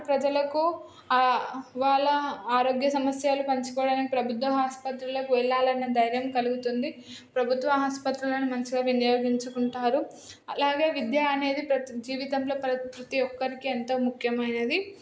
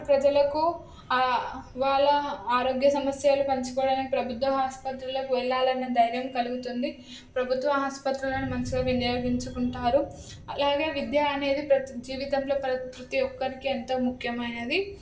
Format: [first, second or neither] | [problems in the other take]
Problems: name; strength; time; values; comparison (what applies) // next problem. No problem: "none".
first | background sound (Thunder); 19 dB below the speech // room echo; dies away in 0.2 s